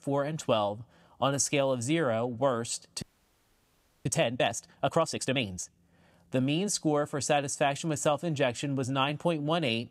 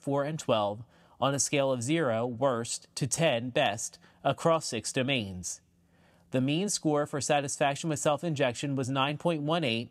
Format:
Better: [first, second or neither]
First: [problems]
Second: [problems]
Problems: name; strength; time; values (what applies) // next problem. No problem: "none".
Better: second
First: audio freezing; at 3 s for 1 s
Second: none